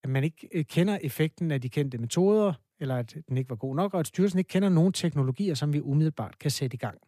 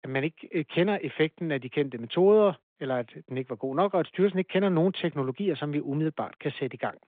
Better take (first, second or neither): first